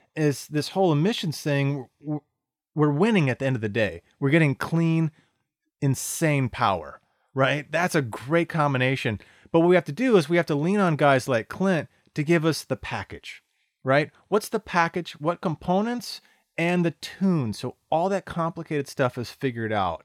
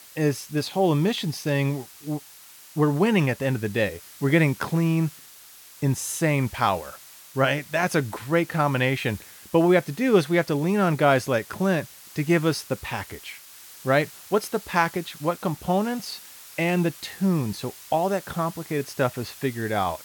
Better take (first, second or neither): first